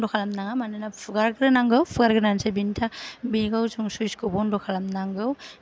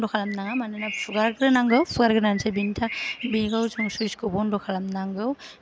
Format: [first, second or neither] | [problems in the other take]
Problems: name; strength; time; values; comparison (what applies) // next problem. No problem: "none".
first | background sound (Bird); 11 dB below the speech